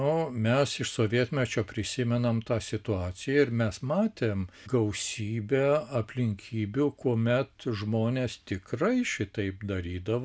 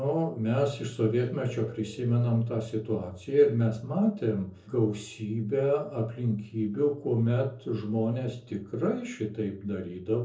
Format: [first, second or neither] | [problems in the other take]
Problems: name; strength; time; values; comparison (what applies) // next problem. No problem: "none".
first | noise reduction (neural separator model SepFormer DNS4)